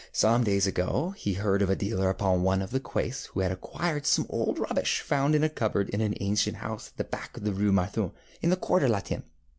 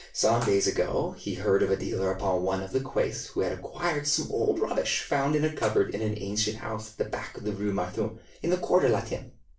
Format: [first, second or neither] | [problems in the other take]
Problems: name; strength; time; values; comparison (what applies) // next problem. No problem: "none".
first | noise reduction (neural separator model SepFormer DNS4)